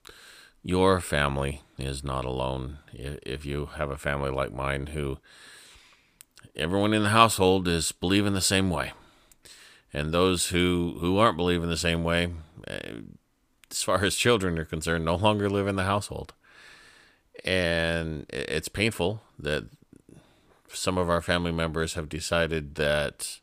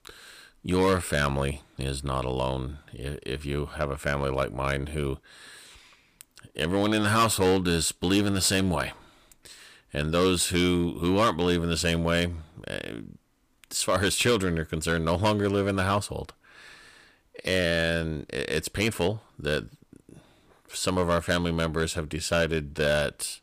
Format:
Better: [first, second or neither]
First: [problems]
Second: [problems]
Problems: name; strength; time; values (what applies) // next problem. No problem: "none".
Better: first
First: none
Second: distortion; slight; 4% of the sound clipped